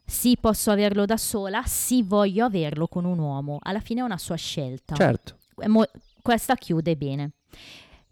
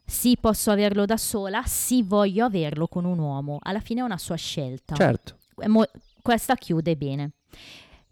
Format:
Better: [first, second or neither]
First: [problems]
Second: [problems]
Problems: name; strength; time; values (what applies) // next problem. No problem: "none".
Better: neither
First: none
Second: none